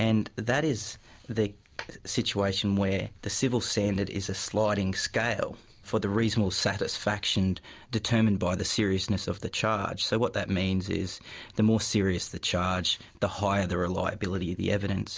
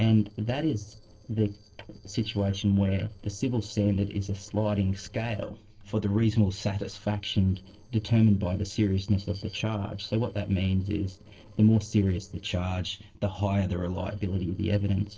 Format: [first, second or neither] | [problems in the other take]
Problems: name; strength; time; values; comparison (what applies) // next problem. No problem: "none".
first | noise reduction (neural separator model SepFormer DNS4)